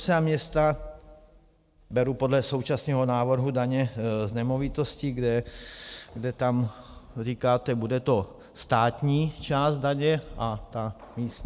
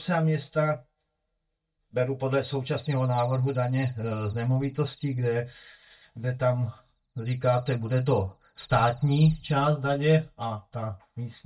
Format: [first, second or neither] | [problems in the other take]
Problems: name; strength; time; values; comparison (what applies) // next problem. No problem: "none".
first | noise reduction (neural mask model DeepFilterNet 3)